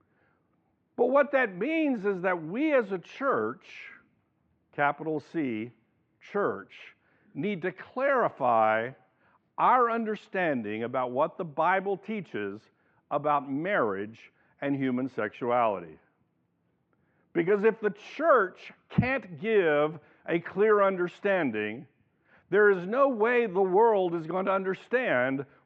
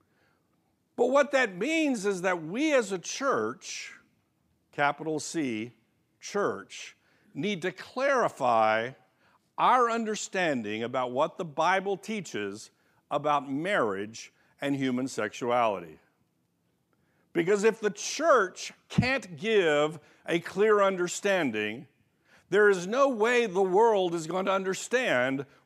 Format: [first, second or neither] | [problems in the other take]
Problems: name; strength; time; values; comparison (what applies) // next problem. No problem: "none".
second | muffled; very; fading above 2.5 kHz